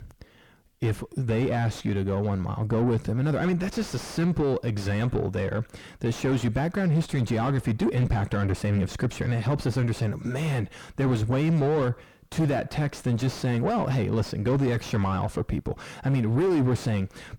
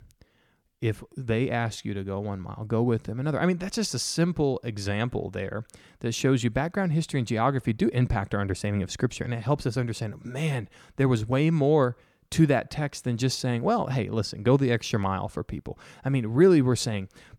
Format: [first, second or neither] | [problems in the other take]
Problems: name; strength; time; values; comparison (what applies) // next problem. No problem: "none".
second | distortion; heavy; 5 dB below the speech